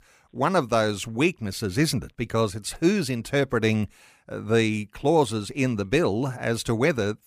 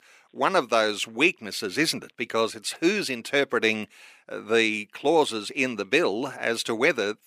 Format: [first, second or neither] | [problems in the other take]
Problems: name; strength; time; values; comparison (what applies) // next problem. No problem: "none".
first | thin; somewhat; fading below 350 Hz